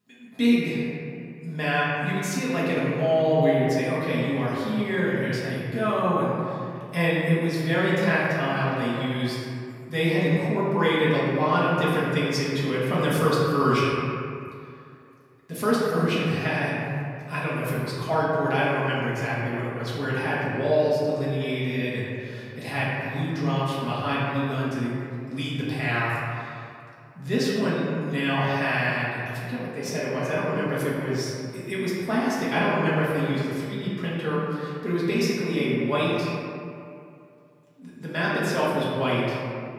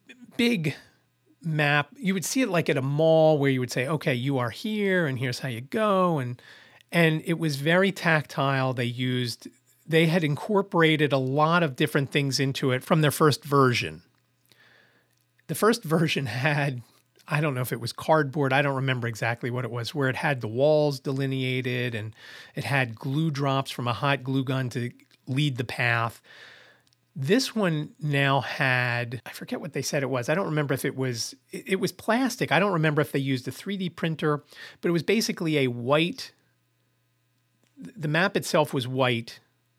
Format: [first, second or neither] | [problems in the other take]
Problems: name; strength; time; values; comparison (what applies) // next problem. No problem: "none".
second | room echo; strong; dies away in 2.2 s // off-mic speech; far